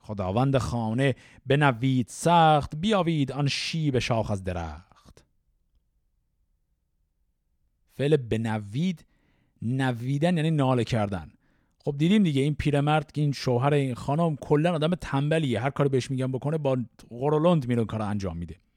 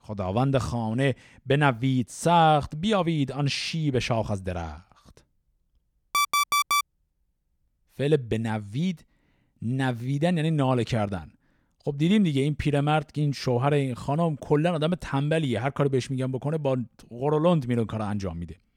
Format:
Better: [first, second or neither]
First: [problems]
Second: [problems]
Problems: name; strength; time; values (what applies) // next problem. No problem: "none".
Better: first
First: none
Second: alarm; loud; at 6 s; peak 3 dB above the speech